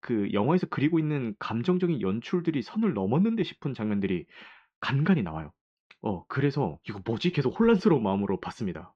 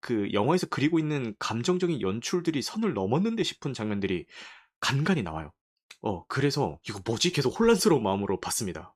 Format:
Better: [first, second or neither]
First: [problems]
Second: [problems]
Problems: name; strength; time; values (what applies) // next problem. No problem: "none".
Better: second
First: muffled; slightly; fading above 3 kHz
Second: none